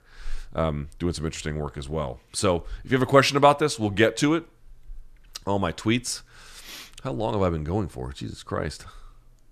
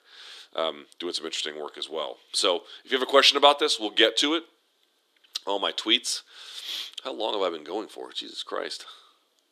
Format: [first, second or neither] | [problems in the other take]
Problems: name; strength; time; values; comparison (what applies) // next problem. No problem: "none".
first | thin; somewhat; fading below 300 Hz